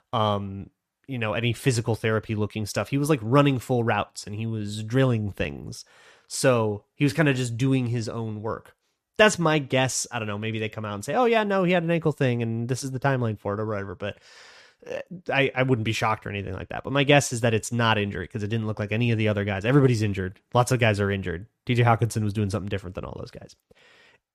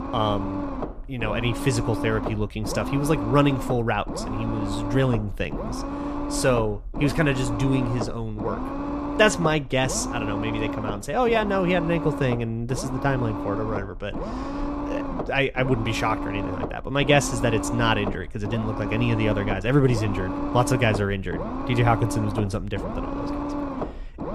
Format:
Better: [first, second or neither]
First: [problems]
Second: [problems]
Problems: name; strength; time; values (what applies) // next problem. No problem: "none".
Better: first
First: none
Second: low rumble; loud; throughout; 6 dB below the speech